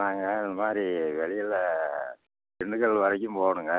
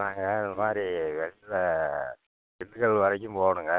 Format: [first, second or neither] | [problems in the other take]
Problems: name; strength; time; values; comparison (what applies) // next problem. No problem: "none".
first | noise reduction (neural separator model SepFormer WHAM!)